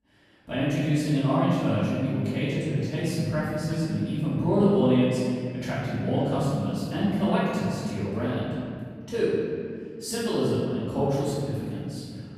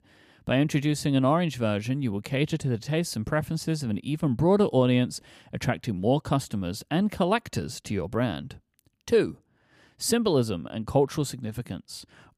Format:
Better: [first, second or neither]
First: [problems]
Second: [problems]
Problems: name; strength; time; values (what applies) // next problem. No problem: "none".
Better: second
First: off-mic speech; far // room echo; strong; dies away in 2.1 s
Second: none